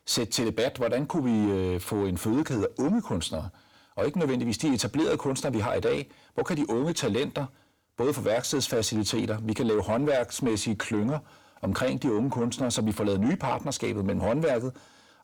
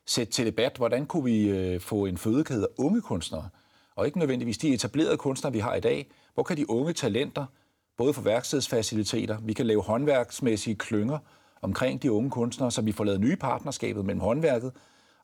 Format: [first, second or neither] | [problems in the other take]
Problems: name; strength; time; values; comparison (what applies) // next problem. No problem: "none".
second | distortion; slight; 10 dB below the speech